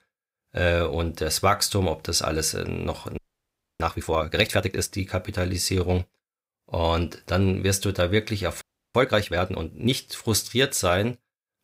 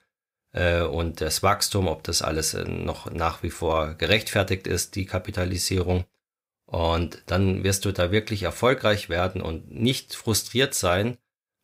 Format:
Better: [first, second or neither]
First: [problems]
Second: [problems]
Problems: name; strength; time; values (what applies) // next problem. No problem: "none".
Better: second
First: audio freezing; at 3 s for 0.5 s and at 8.5 s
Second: none